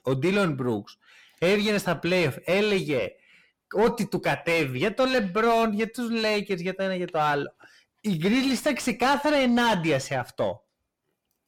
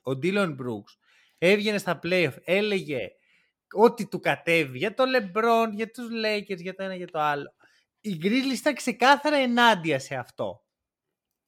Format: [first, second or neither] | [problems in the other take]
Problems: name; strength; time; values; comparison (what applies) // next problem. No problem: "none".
second | distortion; heavy; 6 dB below the speech